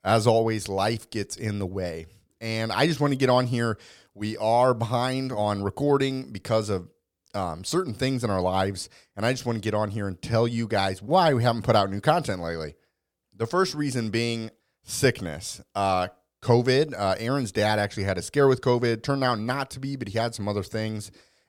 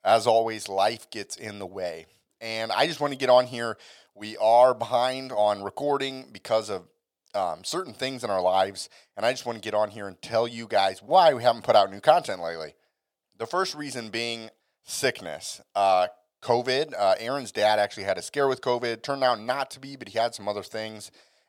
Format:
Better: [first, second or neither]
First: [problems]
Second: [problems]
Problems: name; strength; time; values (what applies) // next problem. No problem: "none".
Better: first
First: none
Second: thin; somewhat; fading below 550 Hz